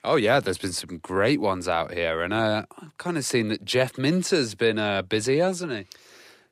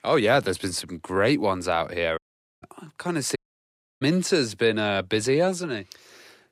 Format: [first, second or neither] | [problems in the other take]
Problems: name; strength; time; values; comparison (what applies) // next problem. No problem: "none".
first | audio cutting out; at 2 s and at 3.5 s for 0.5 s